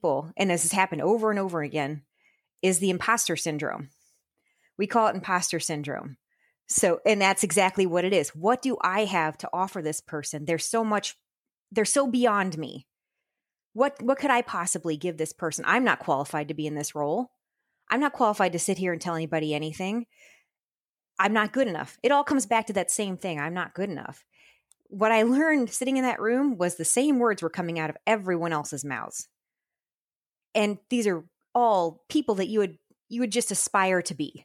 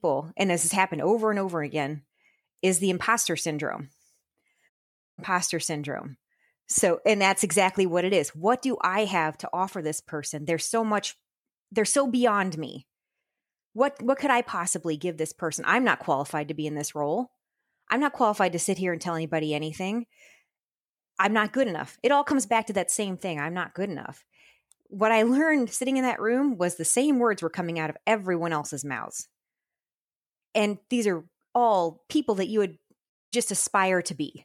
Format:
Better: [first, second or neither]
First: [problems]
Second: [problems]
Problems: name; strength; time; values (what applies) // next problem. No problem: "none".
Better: first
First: none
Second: audio cutting out; at 4.5 s and at 33 s